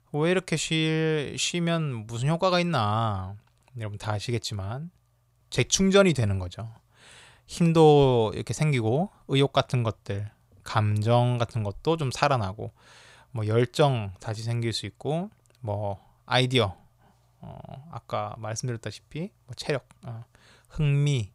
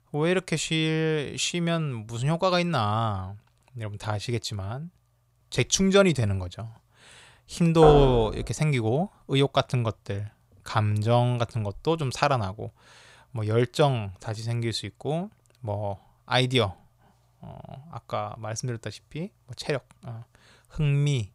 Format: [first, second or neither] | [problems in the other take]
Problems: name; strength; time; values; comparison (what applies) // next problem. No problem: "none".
first | door banging; loud; at 8 s; peak 1 dB above the speech